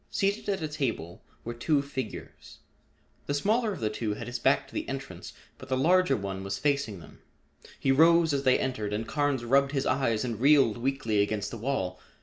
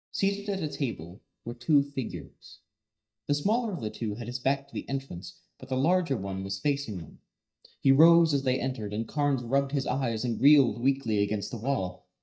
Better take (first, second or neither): first